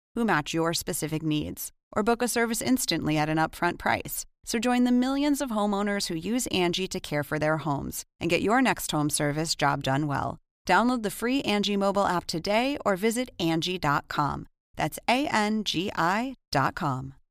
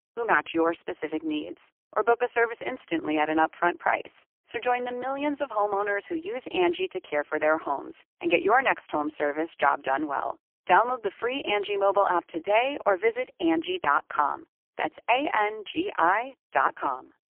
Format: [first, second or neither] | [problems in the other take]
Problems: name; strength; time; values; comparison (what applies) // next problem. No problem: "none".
first | phone-call audio; poor line; nothing above 3 kHz